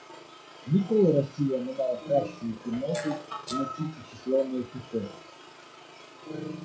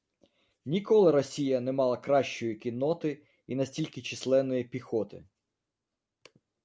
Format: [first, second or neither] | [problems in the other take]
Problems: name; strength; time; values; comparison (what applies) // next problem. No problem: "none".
second | noise reduction (classical method WPE with log-MMSE)